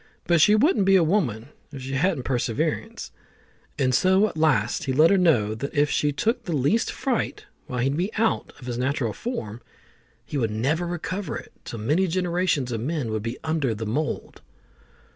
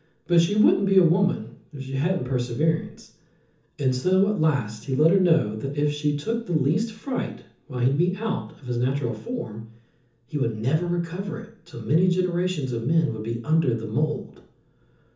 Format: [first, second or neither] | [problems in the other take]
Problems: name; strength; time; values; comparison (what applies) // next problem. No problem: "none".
first | room echo; dies away in 0.6 s